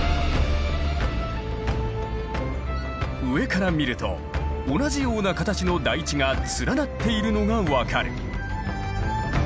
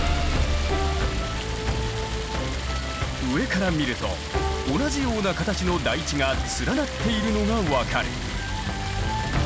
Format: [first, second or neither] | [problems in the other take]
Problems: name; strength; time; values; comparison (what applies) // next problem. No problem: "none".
first | background sound (Plucked string instrument + Stream); 10 dB below the speech